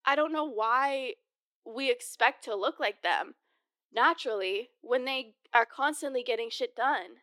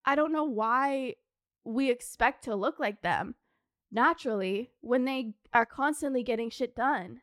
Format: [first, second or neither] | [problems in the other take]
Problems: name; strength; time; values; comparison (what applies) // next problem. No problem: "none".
second | thin; somewhat; fading below 350 Hz